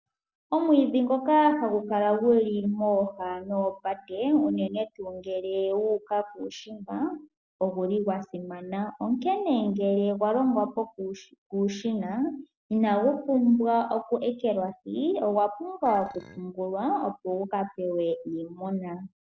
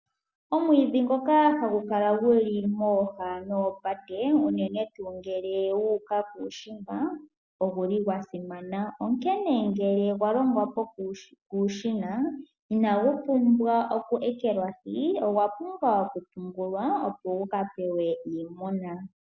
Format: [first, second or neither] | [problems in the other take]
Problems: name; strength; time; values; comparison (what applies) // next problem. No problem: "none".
second | noise reduction (neural separator model SepFormer DNS4)